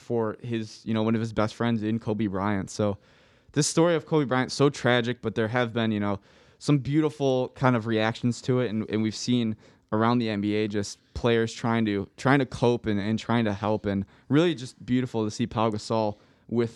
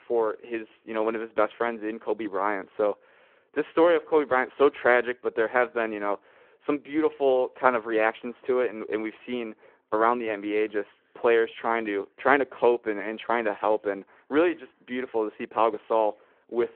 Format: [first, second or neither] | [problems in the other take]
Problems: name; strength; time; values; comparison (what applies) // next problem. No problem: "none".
first | phone-call audio